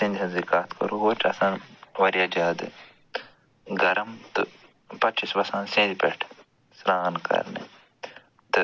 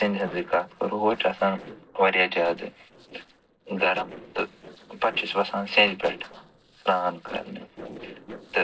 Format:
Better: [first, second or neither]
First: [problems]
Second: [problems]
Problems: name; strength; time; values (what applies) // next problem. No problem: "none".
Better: first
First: none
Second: noise reduction (neural separator model SepFormer DNS4)